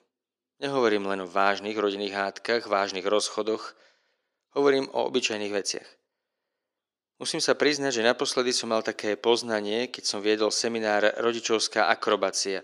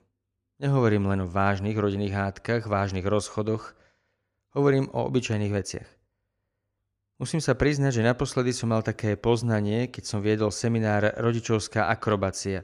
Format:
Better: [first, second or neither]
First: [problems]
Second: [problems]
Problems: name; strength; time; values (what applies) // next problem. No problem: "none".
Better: second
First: thin; somewhat; fading below 300 Hz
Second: none